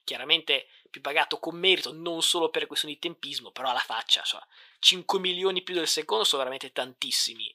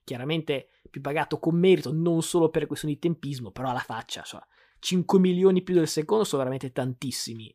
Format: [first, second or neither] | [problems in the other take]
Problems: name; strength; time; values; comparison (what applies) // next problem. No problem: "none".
second | thin; very; fading below 650 Hz